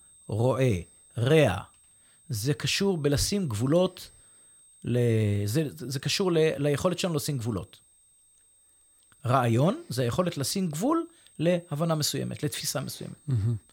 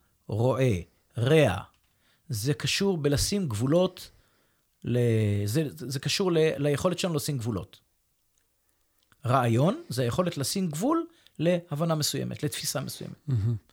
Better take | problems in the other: second | high-pitched whine; faint; throughout; 8.5 kHz, 30 dB below the speech

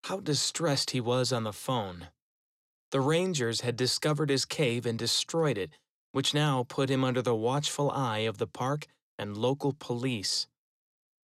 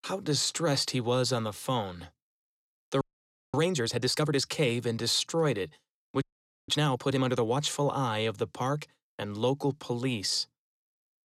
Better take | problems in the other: first | audio freezing; at 3 s for 0.5 s and at 6 s

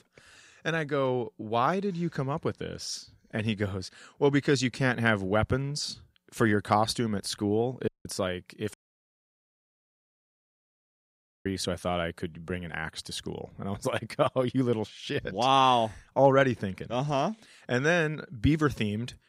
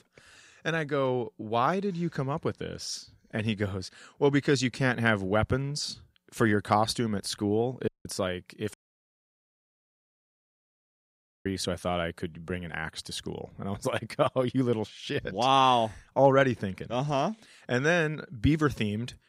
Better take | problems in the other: neither | audio cutting out; at 8 s and at 8.5 s for 2.5 s; the same in both

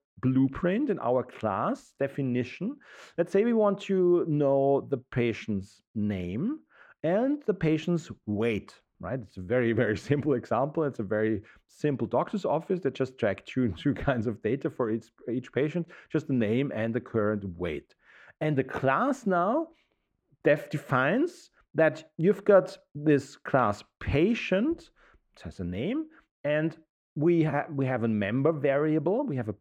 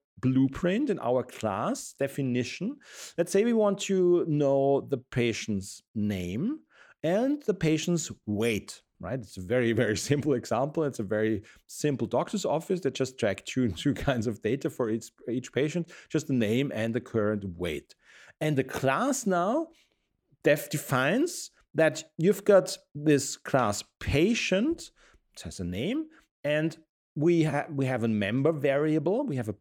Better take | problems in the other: second | muffled; very; fading above 4 kHz

